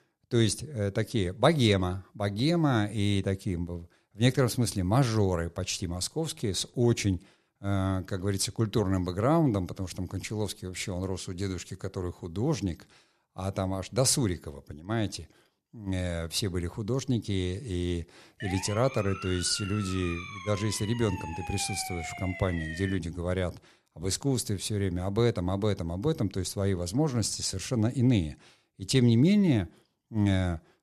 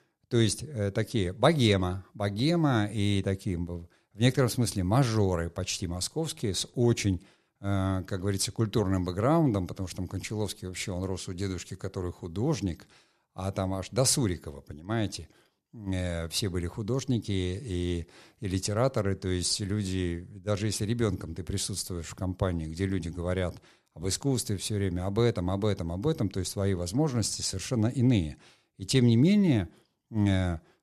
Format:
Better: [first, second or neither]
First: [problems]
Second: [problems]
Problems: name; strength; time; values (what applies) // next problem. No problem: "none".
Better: second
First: siren; noticeable; from 18 to 23 s; peak 8 dB below the speech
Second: none